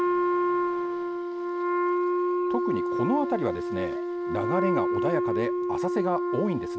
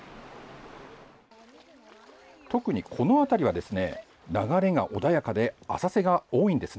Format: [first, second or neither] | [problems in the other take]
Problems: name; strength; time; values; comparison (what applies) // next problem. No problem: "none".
second | background sound (Wind instrument, woodwind instrument); 5 dB above the speech